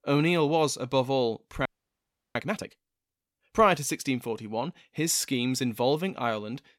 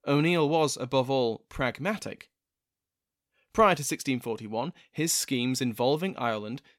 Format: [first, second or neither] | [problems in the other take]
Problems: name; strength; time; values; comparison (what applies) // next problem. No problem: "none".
second | audio freezing; at 1.5 s for 0.5 s